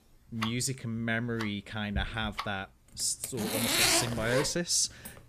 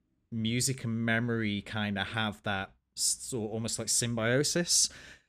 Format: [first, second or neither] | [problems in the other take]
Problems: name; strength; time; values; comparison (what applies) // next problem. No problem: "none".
second | household noises; very loud; throughout; as loud as the speech